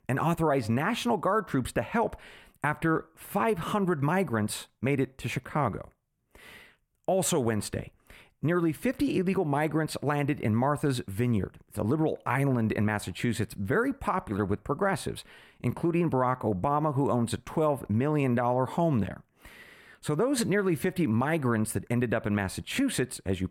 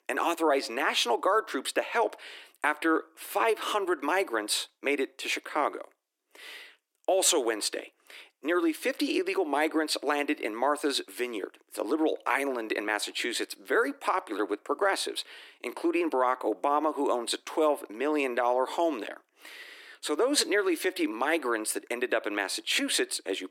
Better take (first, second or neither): first